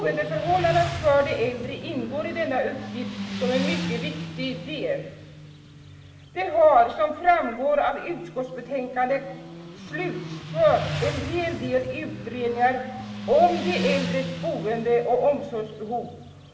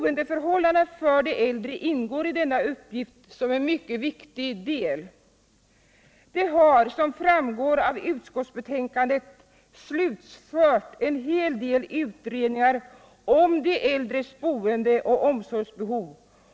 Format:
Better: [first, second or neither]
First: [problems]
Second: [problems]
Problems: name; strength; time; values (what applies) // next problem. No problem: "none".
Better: second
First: background sound (Motorcycle); 9 dB below the speech // room echo; dies away in 1 s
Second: none